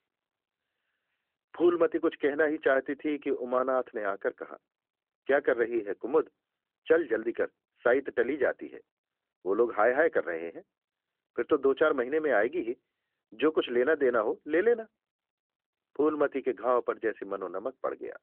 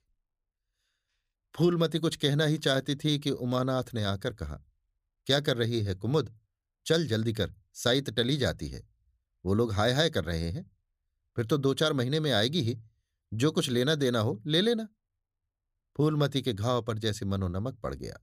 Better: second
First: phone-call audio; nothing above 3.5 kHz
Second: none

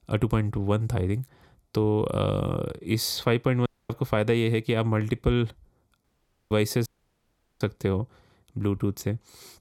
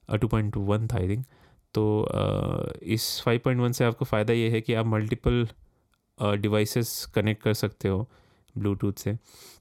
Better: second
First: audio cutting out; at 3.5 s, at 6 s and at 7 s for 0.5 s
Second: none

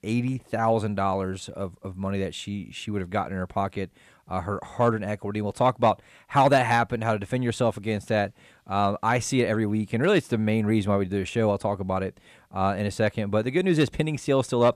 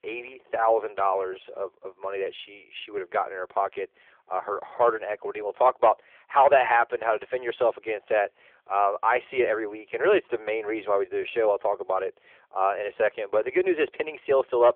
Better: first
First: none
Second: phone-call audio

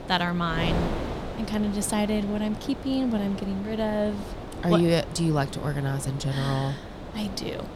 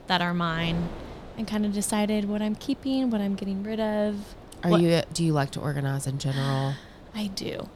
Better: second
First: wind noise on the microphone; heavy; 8 dB below the speech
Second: wind noise on the microphone; occasional gusts; 15 dB below the speech

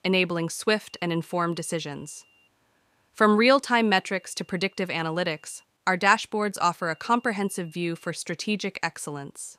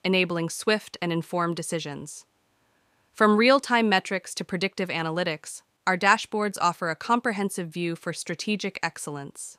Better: second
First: high-pitched whine; faint; from 1 to 2.5 s, from 4 to 5.5 s and from 7 to 8 s; 3 kHz, 35 dB below the speech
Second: none

